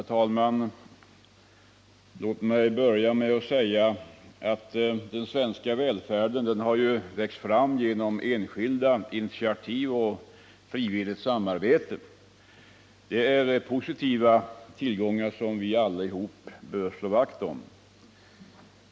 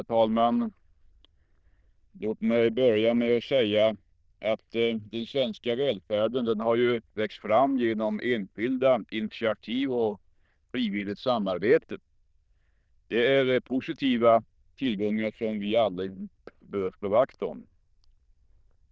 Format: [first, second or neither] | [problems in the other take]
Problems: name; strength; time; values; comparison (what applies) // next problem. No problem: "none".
first | noise reduction (neural diffusion model UNIVERSE++)